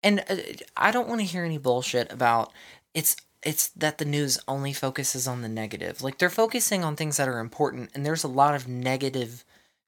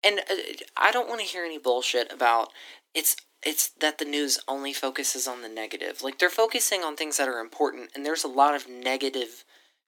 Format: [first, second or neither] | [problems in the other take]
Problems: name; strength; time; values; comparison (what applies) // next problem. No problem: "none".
first | thin; somewhat; fading below 300 Hz